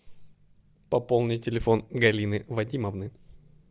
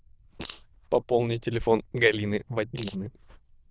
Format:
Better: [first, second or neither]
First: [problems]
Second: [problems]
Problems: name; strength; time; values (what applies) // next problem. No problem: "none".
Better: first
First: none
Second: noise reduction (neural diffusion model UNIVERSE++)